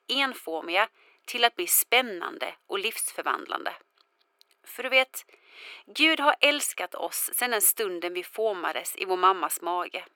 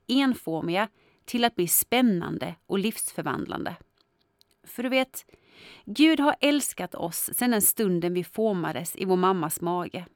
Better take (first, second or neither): second